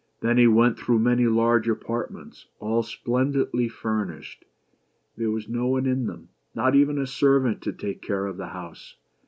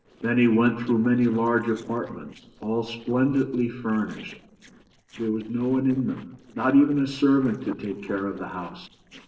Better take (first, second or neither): first